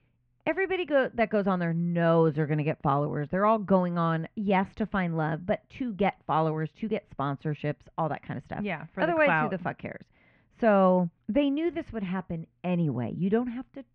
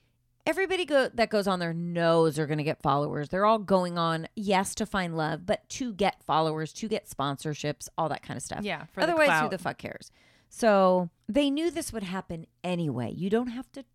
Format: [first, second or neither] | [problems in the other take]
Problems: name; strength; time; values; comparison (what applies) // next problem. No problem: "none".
second | muffled; very; fading above 2.5 kHz